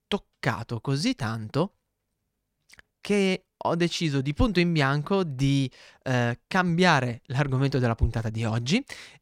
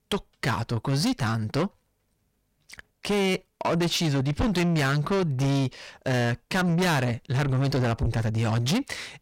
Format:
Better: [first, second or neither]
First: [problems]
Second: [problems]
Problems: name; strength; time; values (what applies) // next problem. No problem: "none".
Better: first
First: none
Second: distortion; heavy; 6 dB below the speech